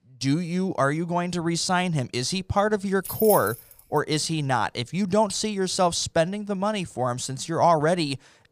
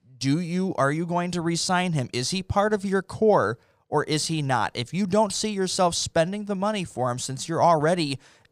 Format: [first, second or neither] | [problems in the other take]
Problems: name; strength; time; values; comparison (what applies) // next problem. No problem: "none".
second | jangling keys; noticeable; at 3 s; peak 3 dB below the speech